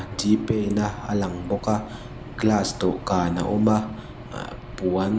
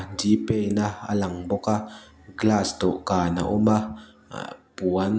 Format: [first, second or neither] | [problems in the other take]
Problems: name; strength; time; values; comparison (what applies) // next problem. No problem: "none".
second | background sound (Boat, Water vehicle + Engine / Aircraft); 13 dB below the speech